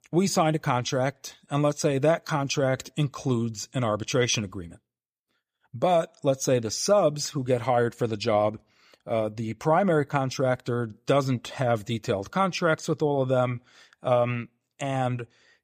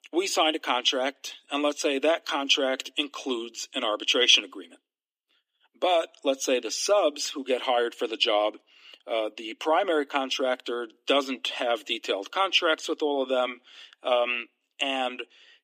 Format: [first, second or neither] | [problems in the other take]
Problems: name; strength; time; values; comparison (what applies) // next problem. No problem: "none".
first | thin; somewhat; fading below 250 Hz